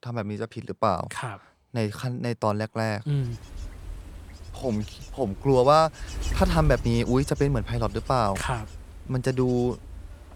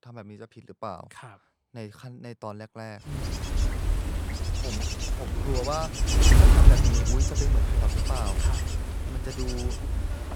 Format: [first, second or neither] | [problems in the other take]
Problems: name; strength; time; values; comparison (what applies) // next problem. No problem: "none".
first | wind noise on the microphone; heavy; from 3 s on; 4 dB above the speech; occasional gusts in the first